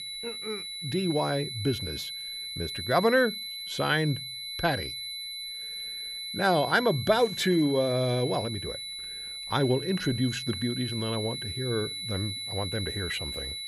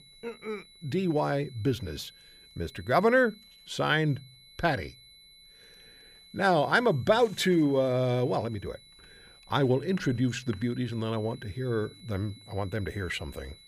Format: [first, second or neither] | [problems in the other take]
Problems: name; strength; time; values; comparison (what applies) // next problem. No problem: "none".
second | high-pitched whine; loud; throughout; 4 kHz, 6 dB below the speech; faint in the second